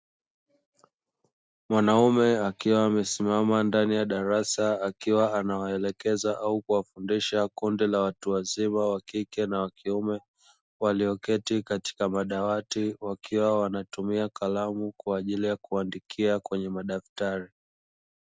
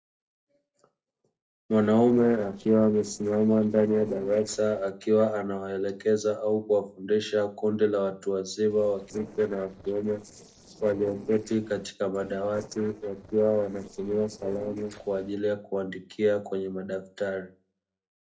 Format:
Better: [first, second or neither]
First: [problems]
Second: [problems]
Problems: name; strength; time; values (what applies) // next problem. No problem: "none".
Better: first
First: none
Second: noise reduction (neural separator model SepFormer DNS4)